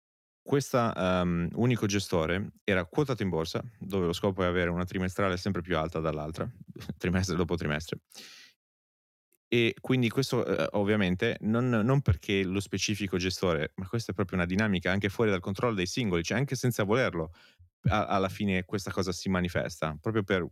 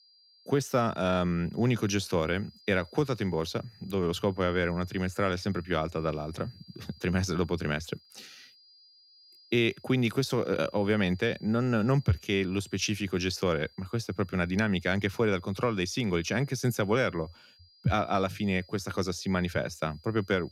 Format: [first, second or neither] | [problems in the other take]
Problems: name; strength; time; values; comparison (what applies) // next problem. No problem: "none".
first | high-pitched whine; faint; throughout; 5 kHz, 25 dB below the speech